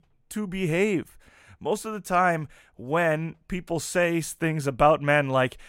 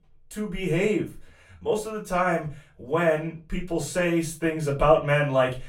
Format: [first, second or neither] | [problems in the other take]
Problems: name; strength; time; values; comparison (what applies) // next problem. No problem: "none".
first | off-mic speech; far // room echo; very slight; dies away in 0.2 s